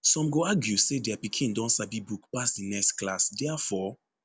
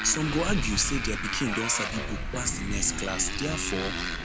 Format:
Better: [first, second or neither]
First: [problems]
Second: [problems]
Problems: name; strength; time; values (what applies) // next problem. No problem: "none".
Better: first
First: none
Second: background sound (Motorcycle); 1 dB below the speech